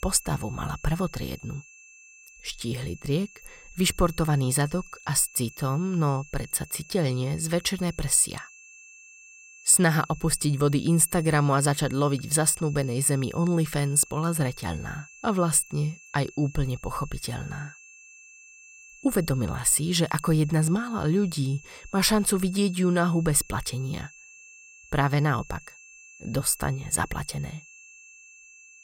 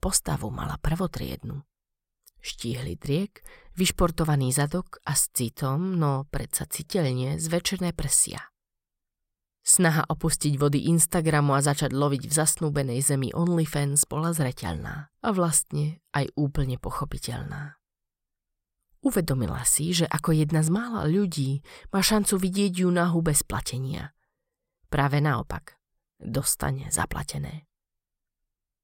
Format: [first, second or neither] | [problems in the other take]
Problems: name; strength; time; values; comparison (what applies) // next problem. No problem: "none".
second | high-pitched whine; faint; throughout; 2.5 kHz, 20 dB below the speech